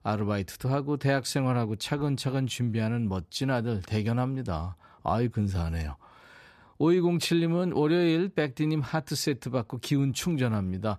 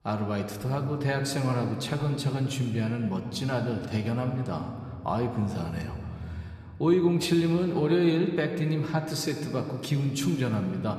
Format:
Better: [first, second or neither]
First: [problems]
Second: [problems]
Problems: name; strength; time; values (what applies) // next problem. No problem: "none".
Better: first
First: none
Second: room echo; slight; dies away in 1.9 s